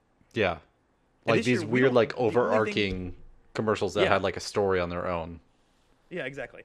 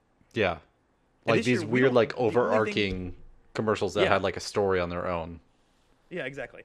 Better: neither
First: none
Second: none

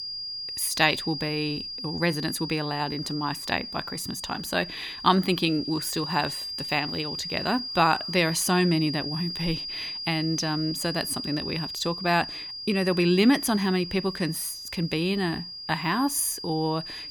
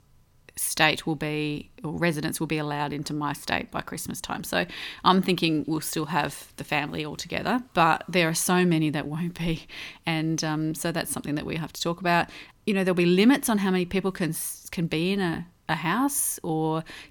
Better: second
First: high-pitched whine; loud; throughout; 5 kHz, 6 dB below the speech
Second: none

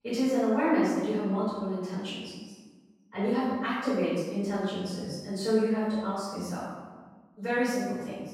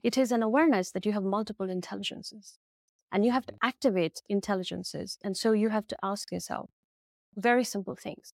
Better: second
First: off-mic speech; far // room echo; strong; dies away in 1.2 s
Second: none

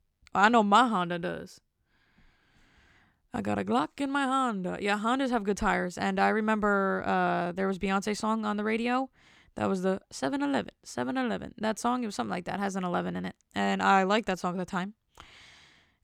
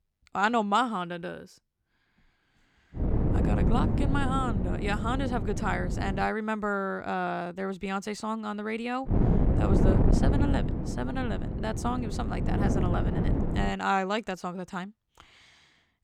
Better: first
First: none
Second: wind noise on the microphone; heavy; from 3 to 6 s and from 9 to 14 s; 5 dB below the speech

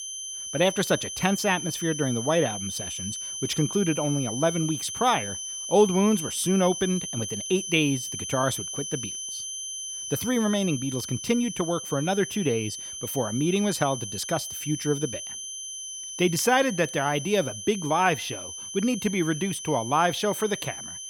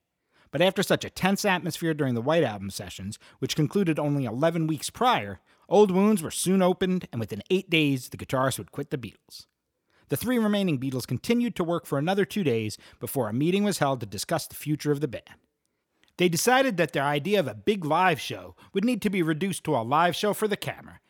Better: second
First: high-pitched whine; loud; throughout; 6 kHz, 7 dB below the speech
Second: none

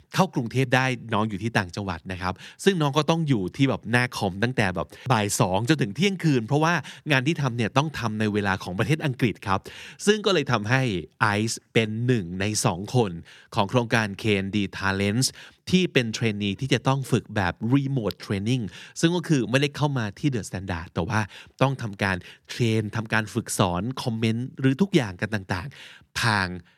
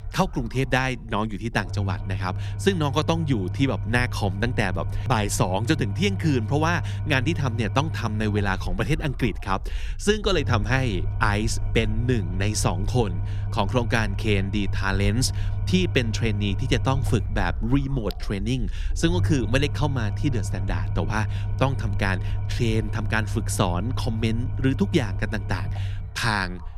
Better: first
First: none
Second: low rumble; noticeable; throughout; 15 dB below the speech

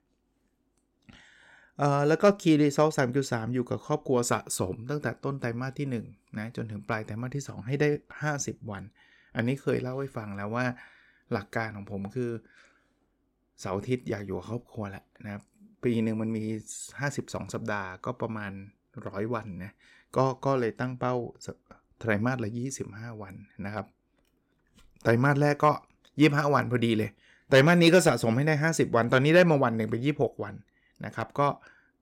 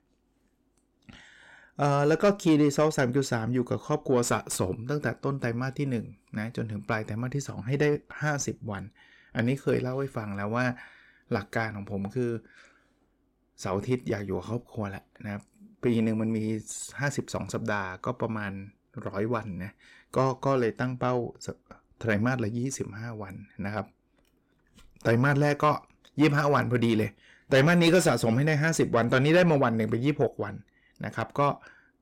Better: first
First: none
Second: distortion; slight; 10 dB below the speech

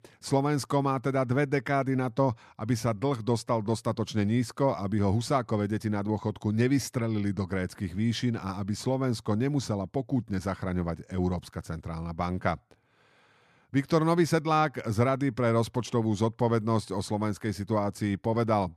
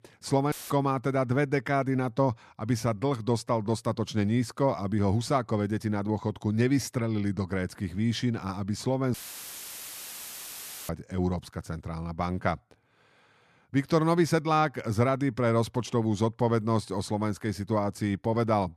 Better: first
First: none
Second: audio cutting out; filled with static; at 0.5 s and at 9 s for 2 s

